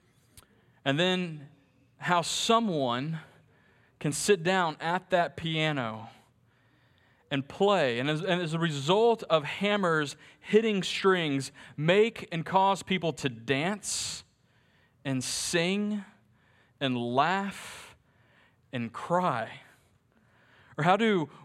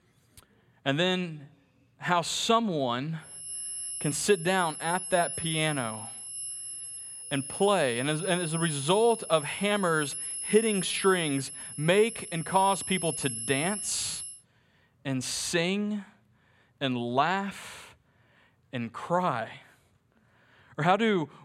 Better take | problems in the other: first | high-pitched whine; loud; from 3.5 to 14 s; 11 kHz, 7 dB below the speech

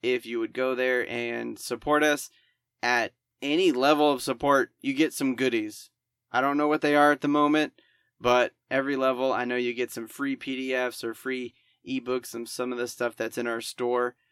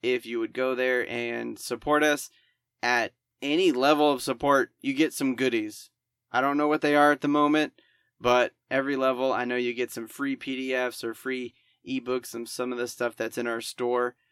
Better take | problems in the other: neither | none

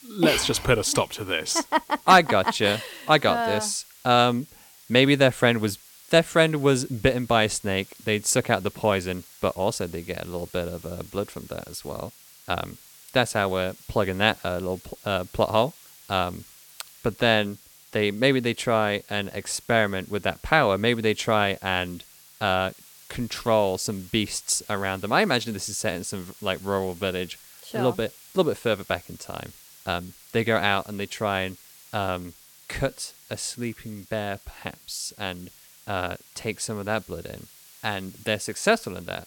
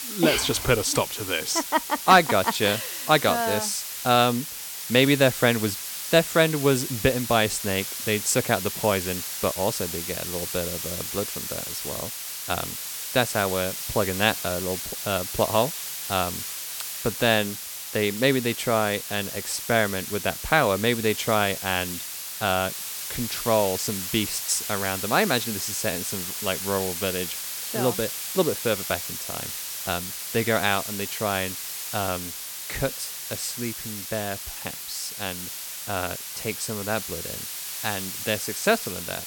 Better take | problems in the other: first | hiss; loud; throughout; 5 dB below the speech; faint in the first

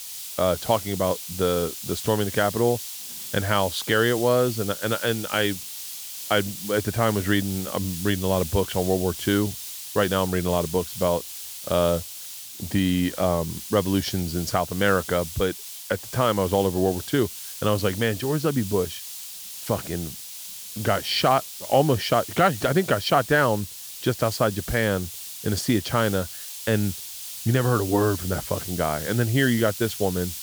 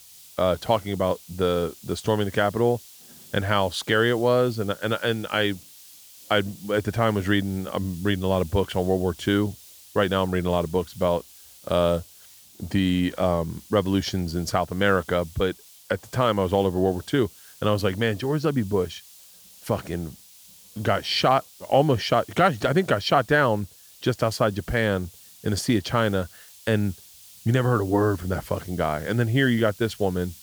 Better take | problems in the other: second | hiss; loud; throughout; 9 dB below the speech; faint in the second

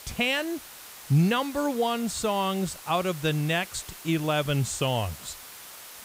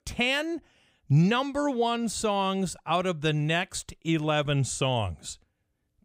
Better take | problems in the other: second | hiss; noticeable; throughout; 15 dB below the speech

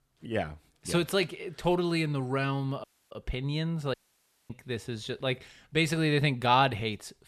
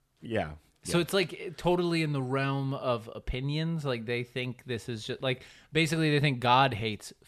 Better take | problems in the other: second | audio cutting out; at 3 s and at 4 s for 0.5 s

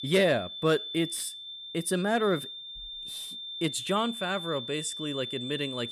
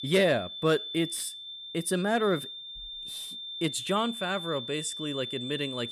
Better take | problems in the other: neither | high-pitched whine; loud; throughout; 3.5 kHz, 7 dB below the speech; the same in both

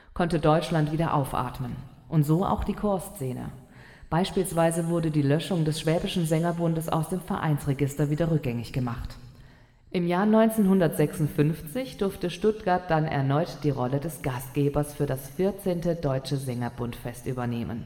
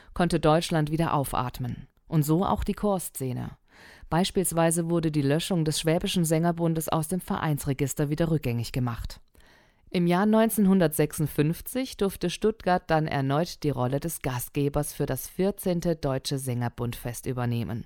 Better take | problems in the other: second | room echo; slight; dies away in 1.7 s

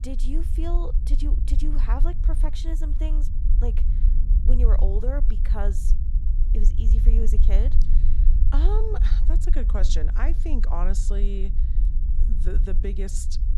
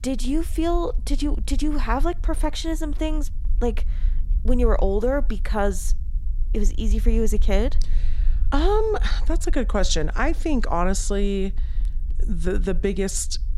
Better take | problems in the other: second | low rumble; loud; throughout; 8 dB below the speech; faint in the second

